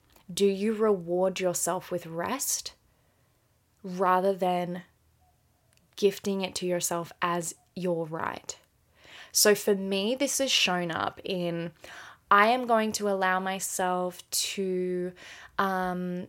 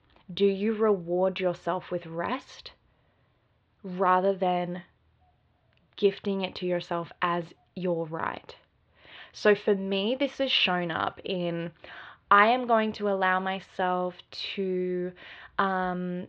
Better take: first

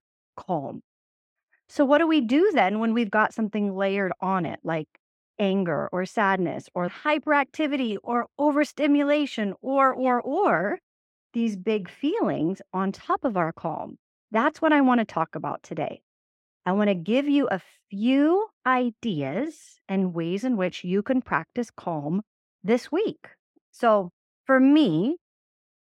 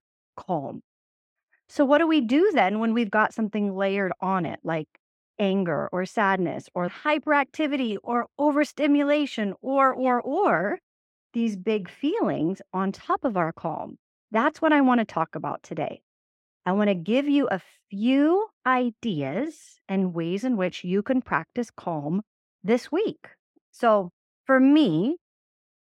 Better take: neither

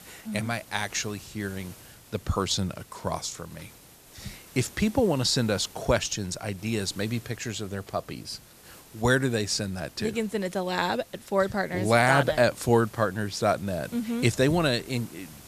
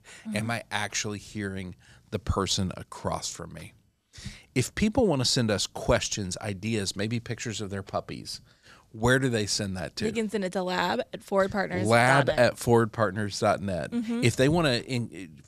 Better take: second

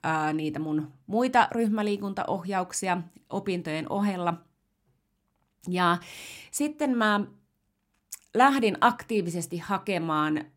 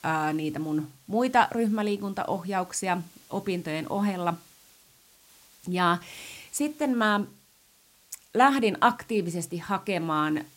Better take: first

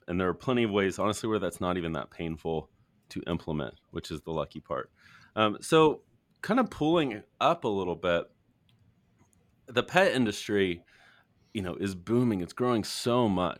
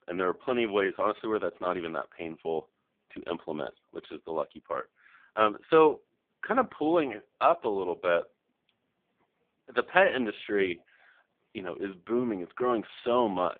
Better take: first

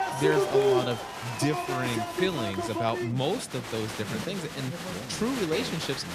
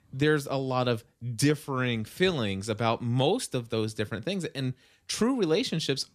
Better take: second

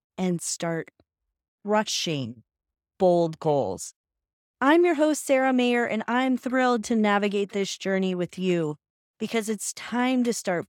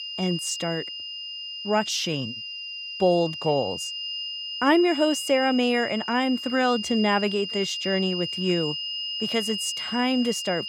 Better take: first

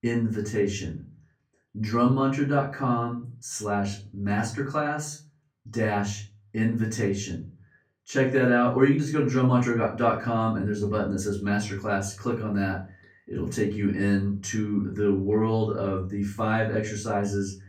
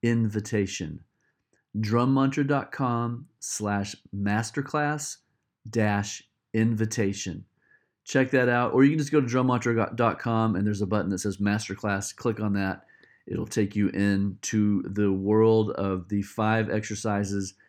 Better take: second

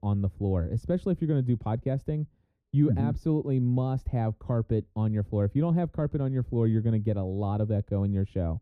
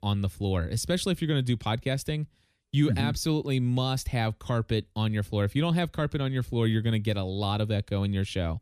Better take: second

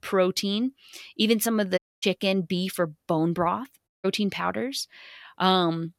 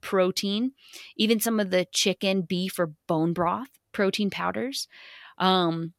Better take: second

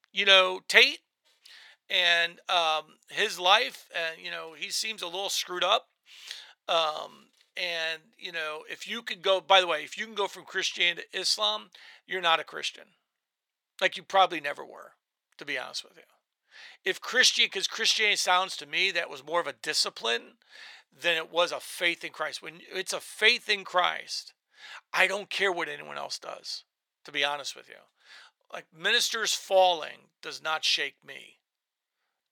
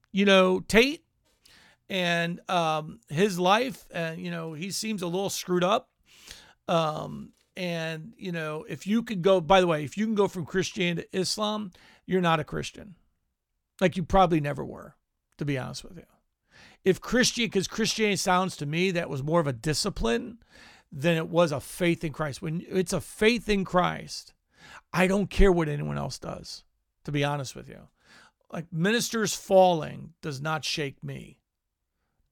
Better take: second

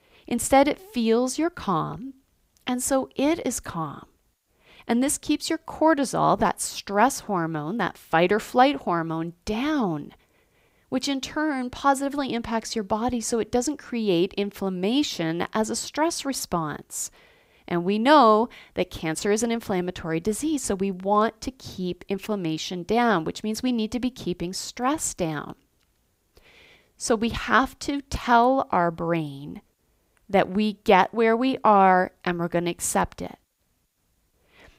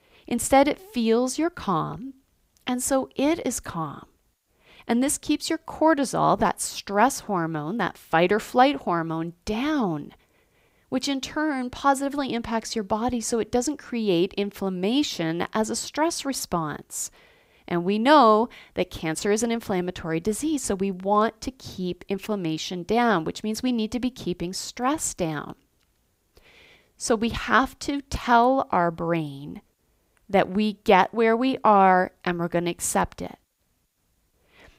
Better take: neither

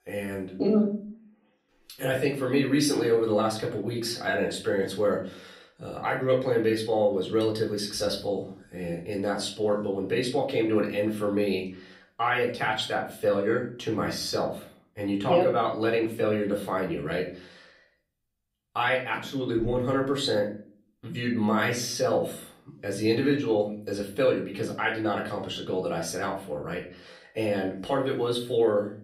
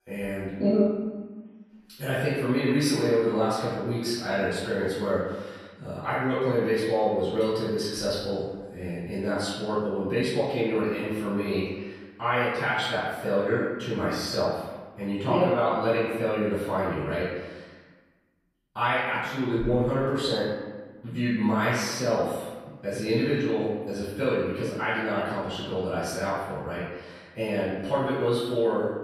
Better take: first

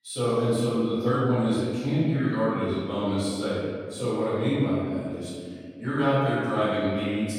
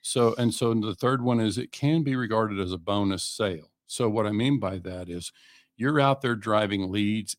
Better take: second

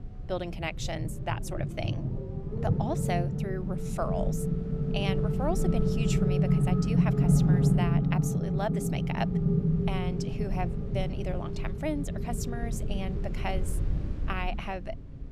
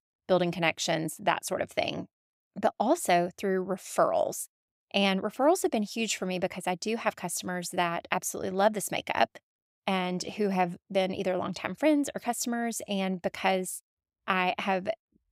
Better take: second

